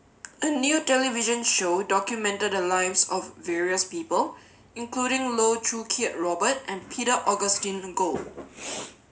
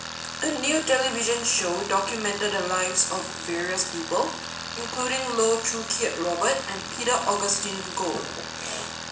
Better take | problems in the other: first | background sound (Tools); 8 dB below the speech // room echo; dies away in 1.9 s

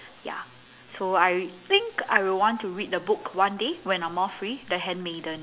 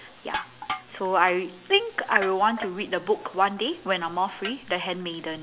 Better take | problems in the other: first | background sound (Crushing); 14 dB below the speech

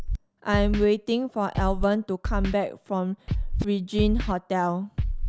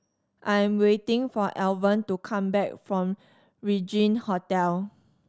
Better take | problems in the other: second | background sound (Scratching (performance technique)); 3 dB below the speech

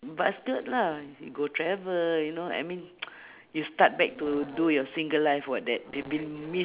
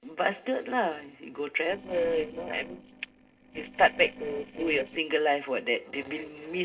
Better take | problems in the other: first | noise reduction (neural separator model SepFormer DNS4)

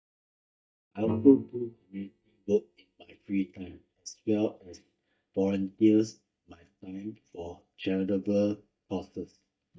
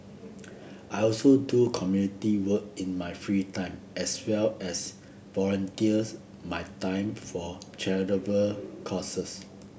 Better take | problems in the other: second | noise reduction (neural mask model DeepFilterNet 3)

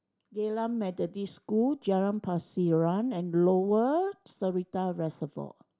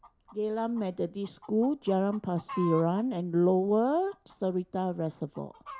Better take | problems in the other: first | background sound (Chicken, rooster); 18 dB below the speech

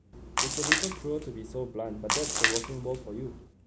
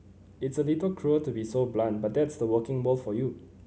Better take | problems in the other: second | background sound (Splash, splatter); 4 dB above the speech

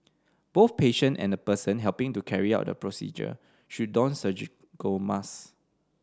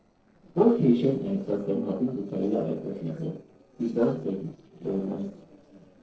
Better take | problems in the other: first | noise reduction (neural separator model SepFormer DNS4)

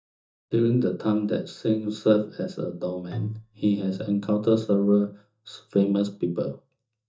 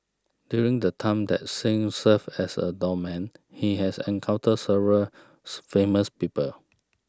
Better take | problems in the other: second | noise reduction (neural mask model DeepFilterNet 3)

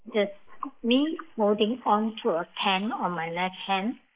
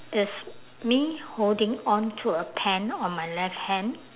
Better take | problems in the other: second | noise reduction (neural mask model Resemble Enhance denoiser)

